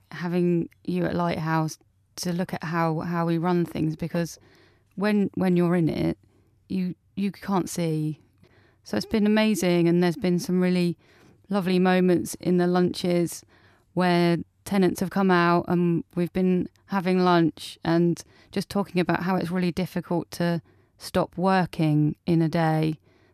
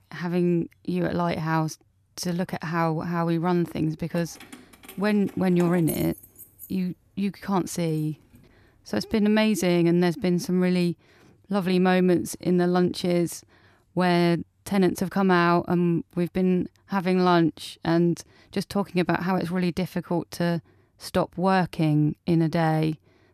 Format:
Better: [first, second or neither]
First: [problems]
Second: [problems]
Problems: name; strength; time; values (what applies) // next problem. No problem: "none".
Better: first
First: none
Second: jangling keys; faint; from 4 to 8.5 s; peak 10 dB below the speech